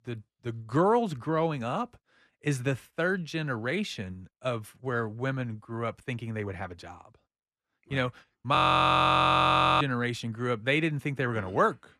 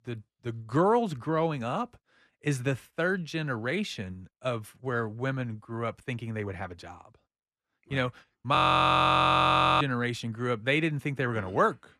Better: neither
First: audio freezing; at 8.5 s for 1.5 s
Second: audio freezing; at 8.5 s for 1.5 s

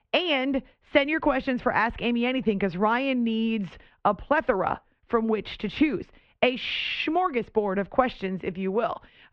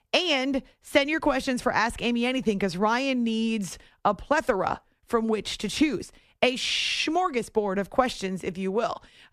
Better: second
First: muffled; very; fading above 3 kHz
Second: none

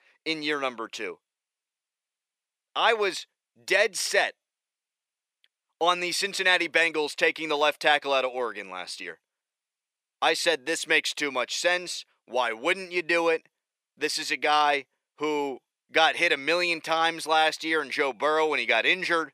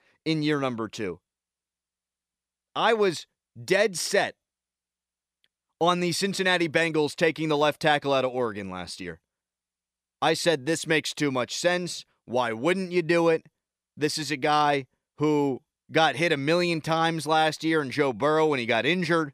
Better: second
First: thin; somewhat; fading below 450 Hz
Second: none

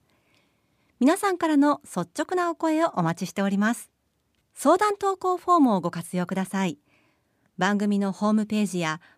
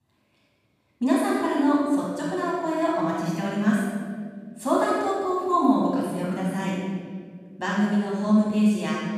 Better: first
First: none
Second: room echo; strong; dies away in 1.8 s // off-mic speech; far

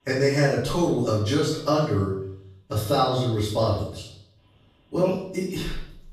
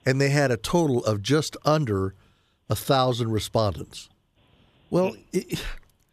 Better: second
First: off-mic speech; far // room echo; noticeable; dies away in 0.6 s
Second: none

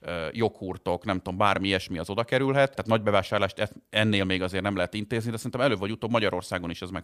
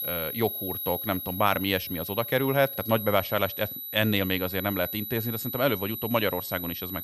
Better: first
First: none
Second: high-pitched whine; loud; throughout; 11.5 kHz, 5 dB below the speech

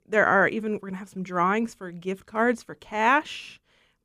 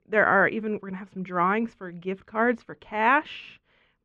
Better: first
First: none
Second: muffled; slightly; fading above 2.5 kHz

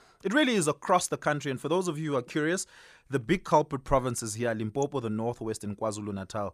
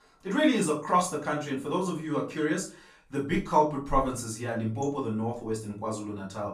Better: first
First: none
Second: off-mic speech; far // room echo; slight; dies away in 0.3 s

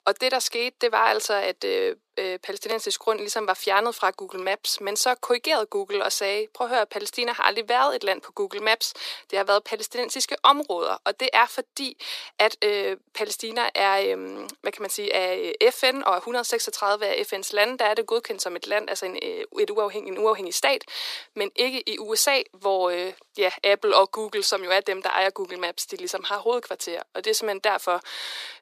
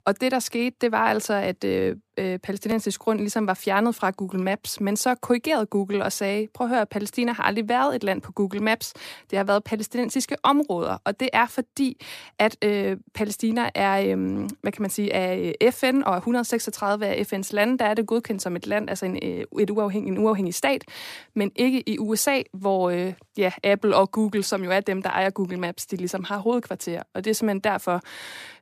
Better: second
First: thin; very; fading below 400 Hz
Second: none

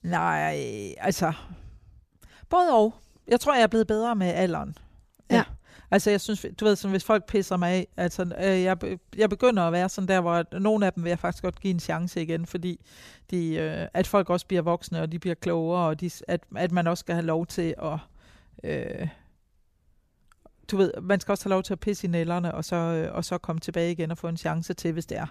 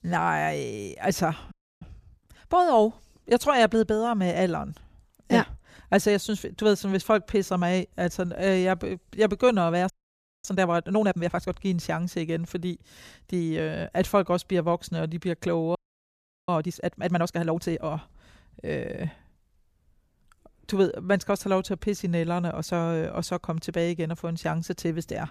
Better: first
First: none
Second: audio freezing; at 1.5 s, at 10 s for 0.5 s and at 16 s for 0.5 s

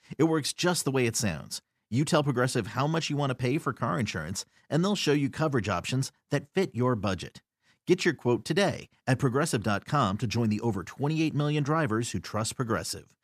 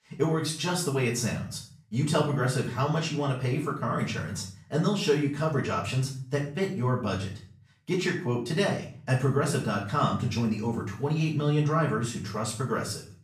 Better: first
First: none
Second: room echo; slight; dies away in 0.4 s // off-mic speech; far

